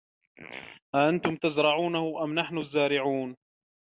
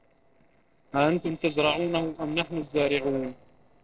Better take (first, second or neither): first